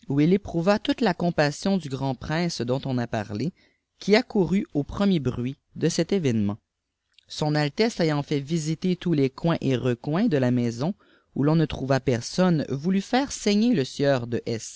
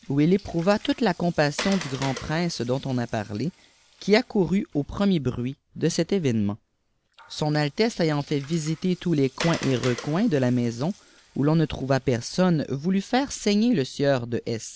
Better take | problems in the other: first | background sound (Water); 18 dB below the speech

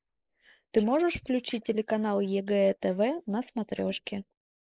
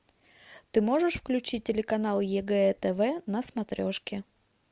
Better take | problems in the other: second | noise reduction (neural mask model Resemble Enhance denoiser)

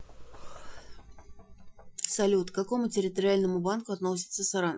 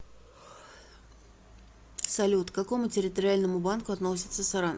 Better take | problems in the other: second | noise reduction (classical method Wiener filter)

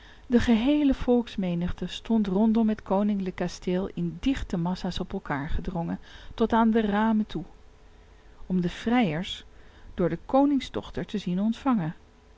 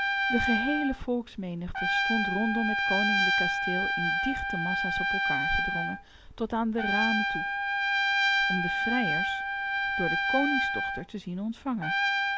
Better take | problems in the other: first | background sound (Trumpet); 4 dB above the speech

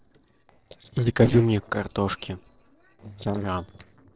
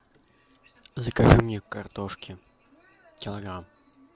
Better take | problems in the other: second | noise reduction (neural separator model SepFormer DNS4)

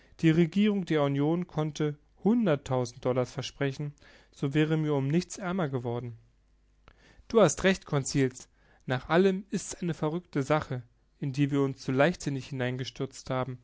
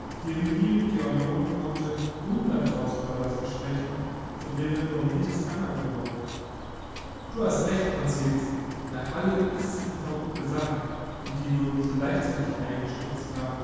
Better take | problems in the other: first | background sound (Bird); 9 dB below the speech // room echo; dies away in 2.1 s

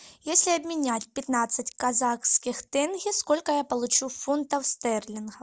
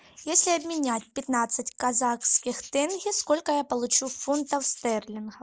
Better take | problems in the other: first | noise reduction (neural mask model Resemble Enhance denoiser)

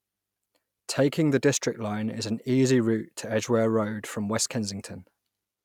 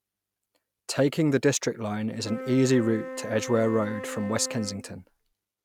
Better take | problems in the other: first | background sound (Wind instrument, woodwind instrument); 11 dB below the speech

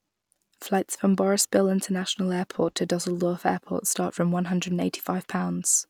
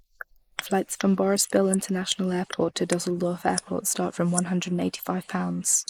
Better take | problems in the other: first | noise reduction (neural mask model Resemble Enhance denoiser)

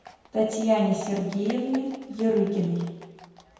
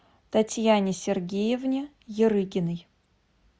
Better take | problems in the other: second | background sound (Livestock, farm animals, working animals); 19 dB below the speech // room echo; dies away in 1.1 s

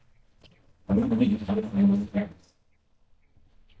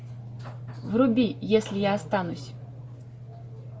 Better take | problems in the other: second | noise reduction (neural mask model DeepFilterNet 3)

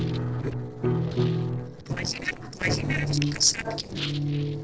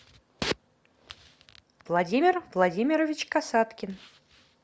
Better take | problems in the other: second | noise reduction (neural separator model SepFormer DNS4)

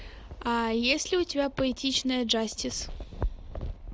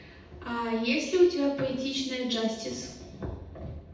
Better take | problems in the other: first | room echo; dies away in 0.8 s

